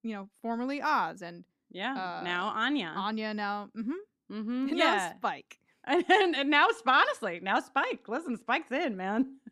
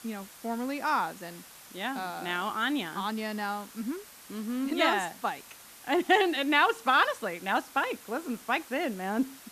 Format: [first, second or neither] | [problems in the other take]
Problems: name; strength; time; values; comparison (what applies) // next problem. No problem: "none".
first | hiss; noticeable; throughout; 20 dB below the speech